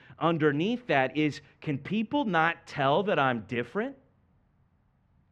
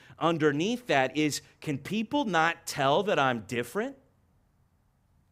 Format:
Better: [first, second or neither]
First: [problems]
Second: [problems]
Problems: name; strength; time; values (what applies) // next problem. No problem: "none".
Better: second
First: muffled; slightly; fading above 2.5 kHz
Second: none